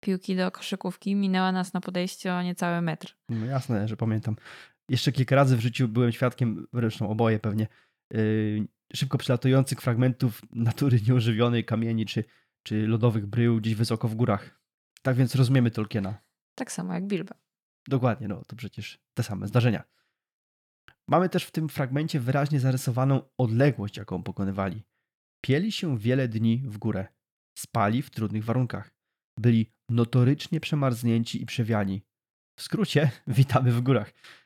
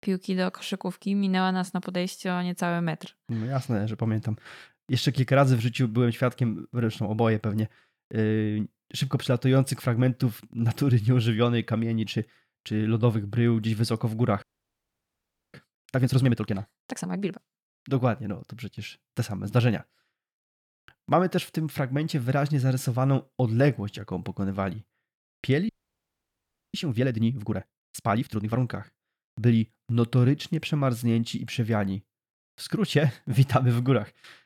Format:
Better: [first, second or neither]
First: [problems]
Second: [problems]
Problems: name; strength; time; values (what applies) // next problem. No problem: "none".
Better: first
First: none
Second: audio freezing; at 14 s for 1 s and at 26 s for 1 s